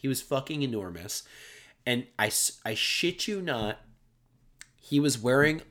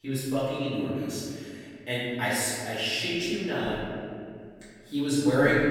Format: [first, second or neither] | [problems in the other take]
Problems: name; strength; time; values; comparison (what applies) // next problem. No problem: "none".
first | off-mic speech; far // room echo; strong; dies away in 2.1 s